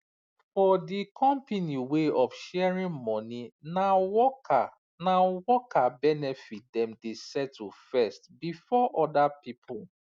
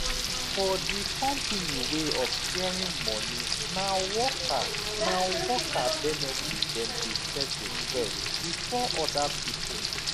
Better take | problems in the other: first | background sound (Frying (food)); 3 dB above the speech

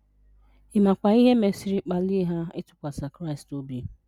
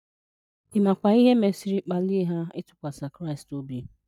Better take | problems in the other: first | noise reduction (neural mask model DeepFilterNet 3)

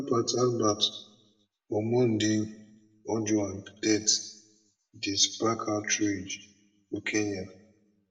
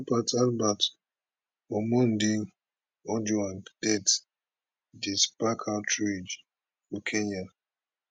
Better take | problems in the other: second | room echo; dies away in 0.6 s

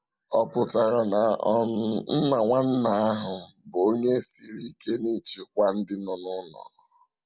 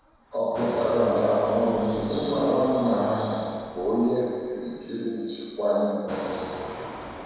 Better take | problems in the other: first | background sound (Engine); 14 dB below the speech // room echo; dies away in 1.9 s

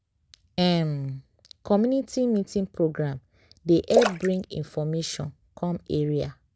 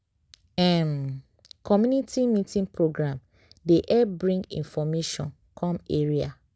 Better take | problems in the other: second | background sound (Splash, splatter); 4 dB below the speech

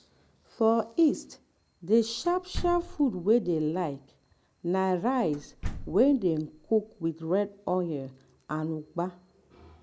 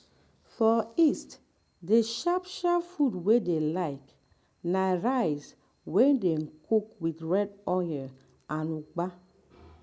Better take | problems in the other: second | background sound (Slam); 11 dB below the speech

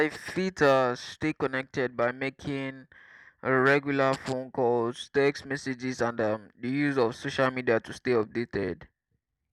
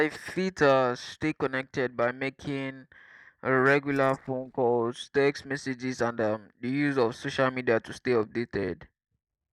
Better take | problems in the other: first | noise reduction (neural mask model DeepFilterNet 3)

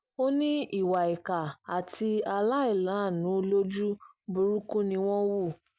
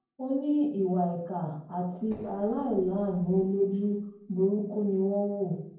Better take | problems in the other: first | noise reduction (neural separator model SepFormer DNS4)

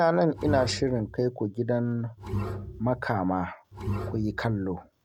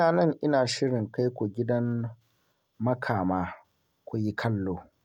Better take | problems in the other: second | background sound (Bowed string instrument); 7 dB below the speech

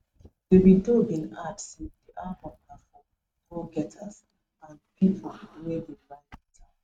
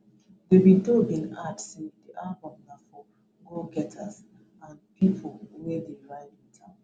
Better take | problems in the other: second | noise reduction (neural mask model RNNoise)

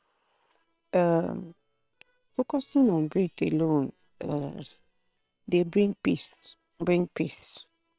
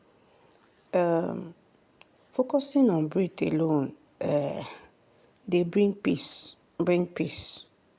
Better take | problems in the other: second | noise reduction (neural separator model SepFormer WHAM!)

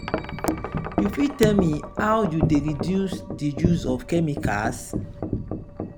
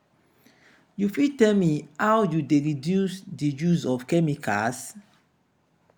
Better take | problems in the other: second | background sound (Wind chime); 3 dB below the speech

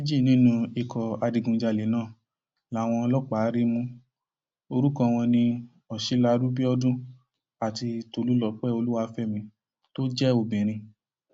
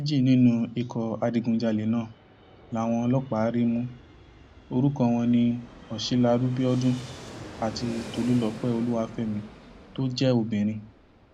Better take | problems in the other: first | background sound (Fixed-wing aircraft, airplane); 19 dB below the speech

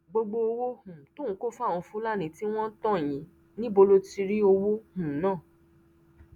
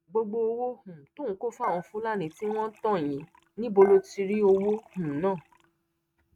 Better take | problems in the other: first | noise reduction (neural mask model RNNoise)

